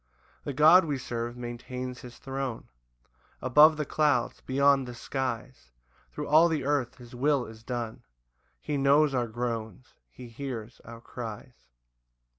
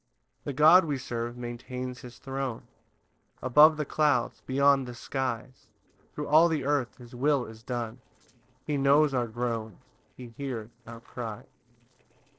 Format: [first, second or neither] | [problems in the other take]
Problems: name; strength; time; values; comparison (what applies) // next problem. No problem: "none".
first | noise reduction (neural separator model SepFormer DNS4)